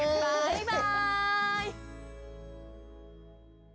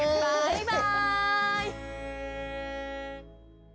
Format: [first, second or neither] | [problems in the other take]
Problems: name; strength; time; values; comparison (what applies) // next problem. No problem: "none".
first | background sound (Bowed string instrument); 11 dB below the speech